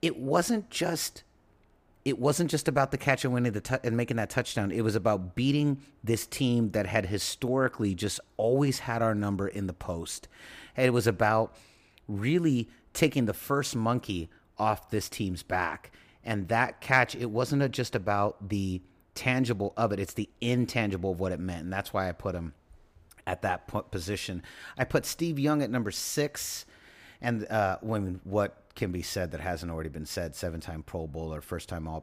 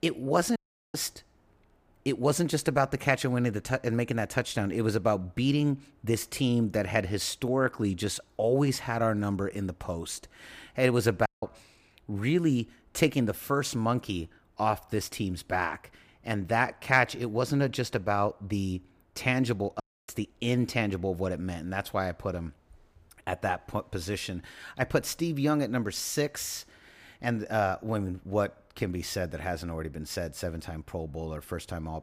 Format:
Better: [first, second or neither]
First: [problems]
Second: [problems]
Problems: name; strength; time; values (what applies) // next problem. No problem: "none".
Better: first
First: none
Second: audio cutting out; at 0.5 s, at 11 s and at 20 s